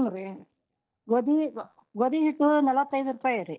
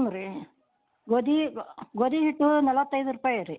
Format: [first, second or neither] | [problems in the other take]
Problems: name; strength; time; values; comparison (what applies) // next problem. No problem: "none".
second | noise reduction (neural mask model DeepFilterNet 3)